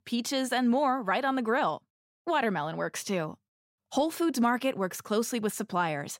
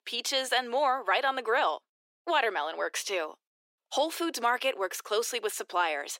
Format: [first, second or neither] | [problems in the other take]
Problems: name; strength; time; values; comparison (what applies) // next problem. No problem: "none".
first | thin; very; fading below 350 Hz